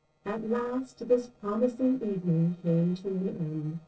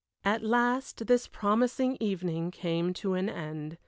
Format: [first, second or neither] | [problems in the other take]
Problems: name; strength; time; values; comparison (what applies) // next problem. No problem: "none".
second | noise reduction (neural separator model SepFormer DNS4)